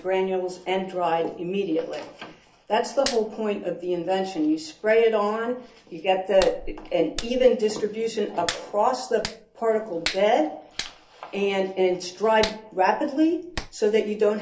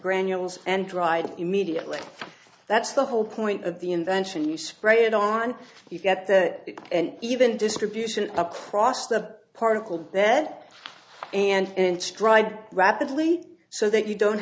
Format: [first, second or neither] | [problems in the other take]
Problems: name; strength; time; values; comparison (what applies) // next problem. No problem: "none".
second | background sound (Hands); 15 dB below the speech // room echo; dies away in 0.3 s